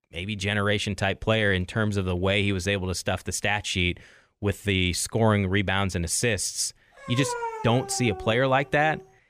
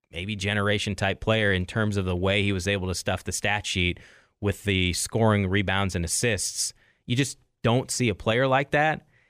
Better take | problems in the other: second | dog barking; noticeable; from 7 s on; peak 6 dB below the speech

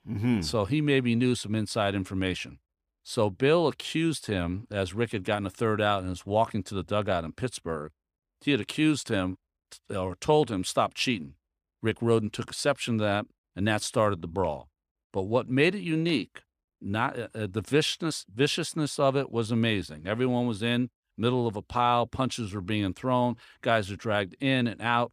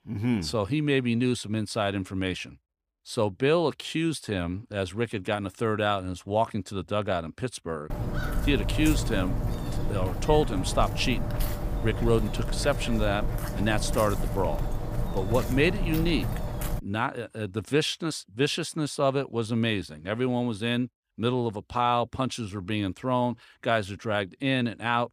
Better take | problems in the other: first | footsteps; noticeable; from 8 to 17 s; peak 1 dB below the speech

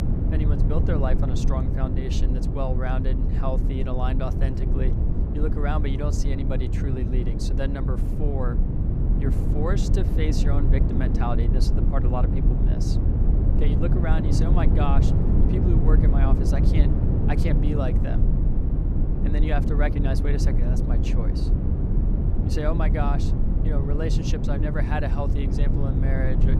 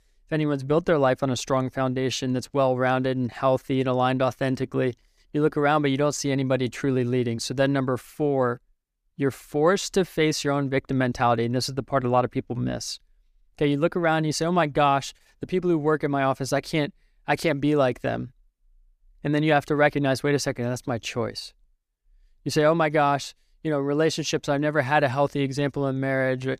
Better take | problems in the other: second | low rumble; loud; throughout; 2 dB below the speech

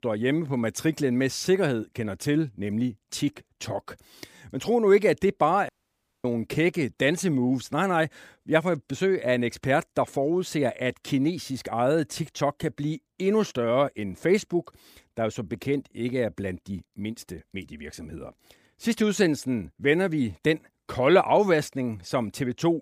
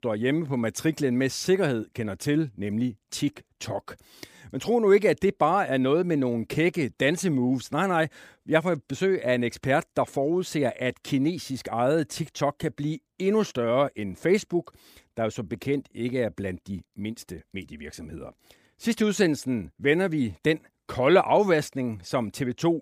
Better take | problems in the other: second | audio cutting out; at 5.5 s for 0.5 s

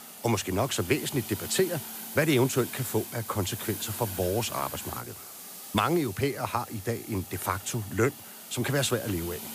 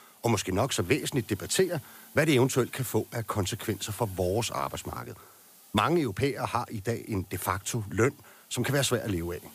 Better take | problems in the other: second | hiss; loud; throughout; 10 dB below the speech; faint in the second

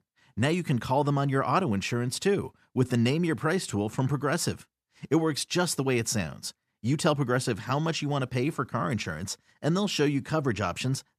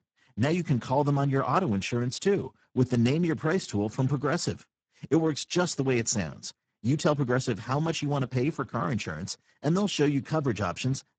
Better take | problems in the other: first | garbled, watery; badly; nothing above 7.5 kHz

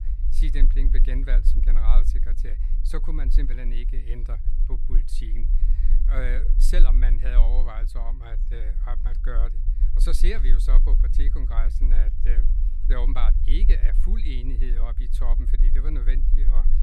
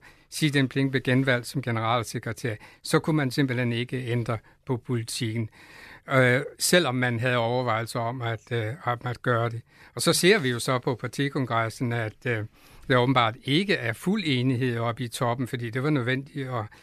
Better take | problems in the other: second | low rumble; loud; throughout; 10 dB below the speech

